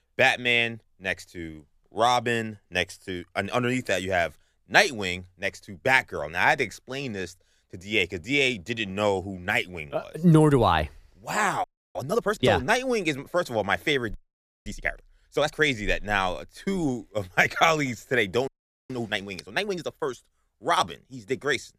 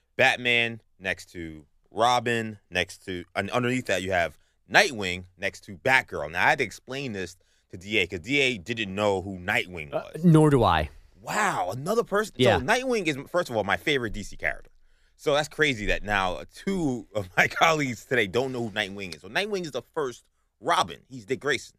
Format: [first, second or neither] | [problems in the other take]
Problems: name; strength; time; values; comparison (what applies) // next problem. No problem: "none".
second | audio freezing; at 12 s, at 14 s for 0.5 s and at 18 s